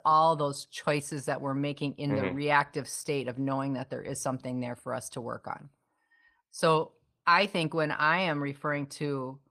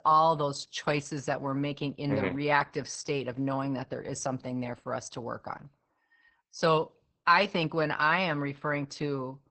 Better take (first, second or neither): first